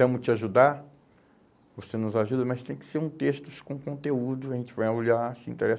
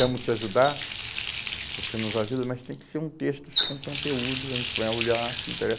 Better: first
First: none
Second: background sound (Water tap, faucet); 4 dB below the speech

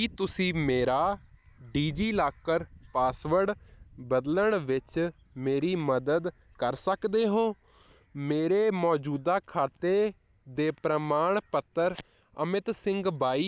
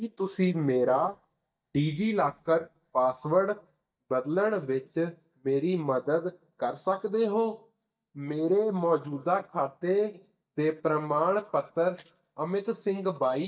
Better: first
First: none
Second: noise reduction (neural mask model DeepFilterNet 3)

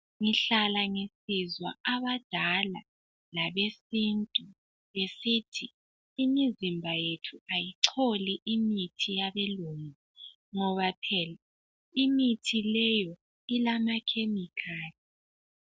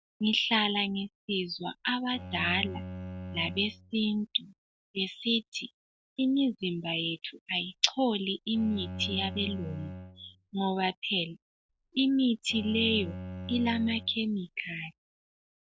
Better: first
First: none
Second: background sound (Bowed string instrument); 11 dB below the speech

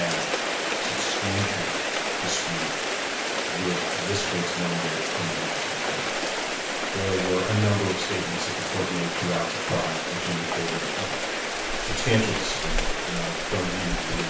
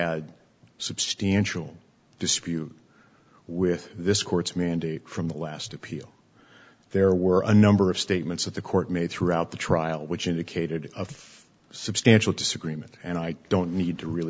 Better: second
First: background sound (Rain); 3 dB above the speech // room echo; dies away in 0.4 s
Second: none

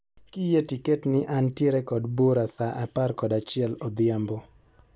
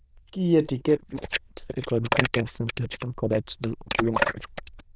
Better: first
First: none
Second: noise reduction (neural diffusion model UNIVERSE++)

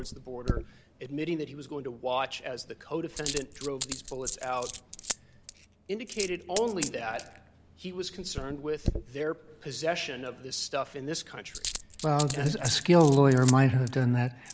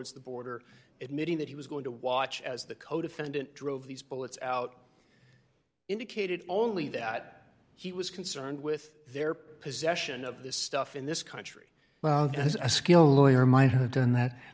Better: second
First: background sound (Coin (dropping)); 10 dB below the speech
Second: none

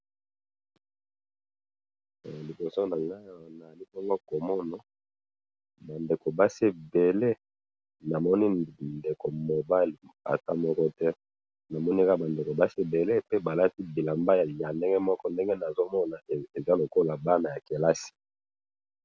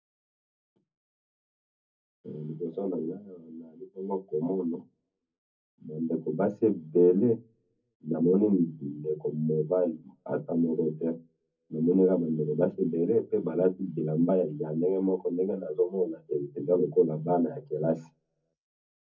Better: first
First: none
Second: room echo; dies away in 0.3 s

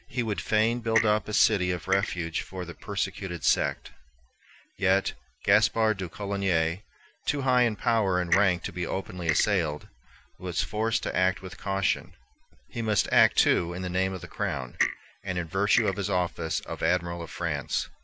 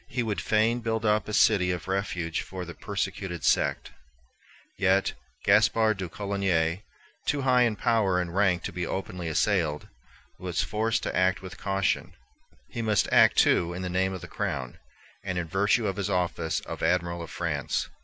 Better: second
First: background sound (Clock); 7 dB below the speech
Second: none

